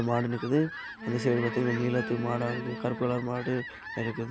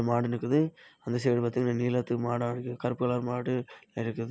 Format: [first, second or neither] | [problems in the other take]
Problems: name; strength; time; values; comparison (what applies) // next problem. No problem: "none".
second | background sound (Fowl + Wind instrument, woodwind instrument); 9 dB below the speech